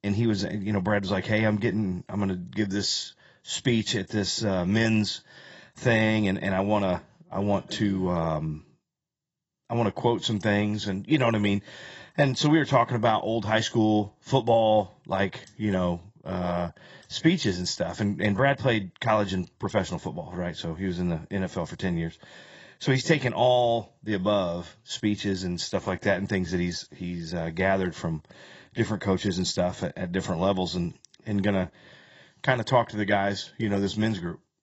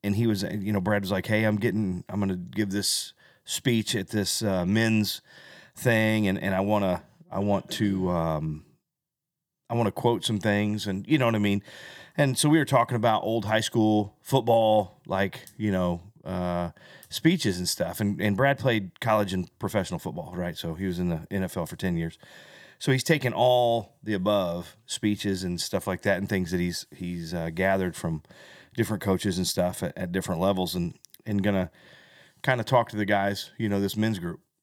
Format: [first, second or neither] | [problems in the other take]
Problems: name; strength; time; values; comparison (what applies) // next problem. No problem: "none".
second | garbled, watery; badly; nothing above 7.5 kHz